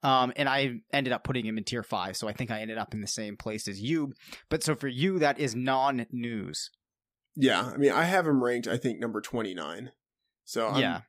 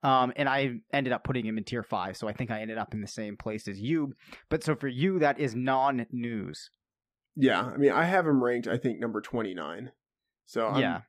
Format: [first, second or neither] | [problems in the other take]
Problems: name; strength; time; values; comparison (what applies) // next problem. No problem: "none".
first | muffled; slightly; fading above 3.5 kHz